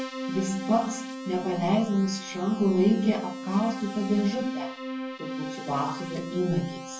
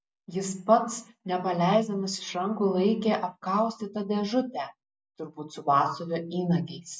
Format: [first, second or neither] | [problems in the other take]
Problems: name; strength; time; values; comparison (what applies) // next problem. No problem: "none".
second | background sound (Keyboard (musical)); 8 dB below the speech // room echo; dies away in 0.3 s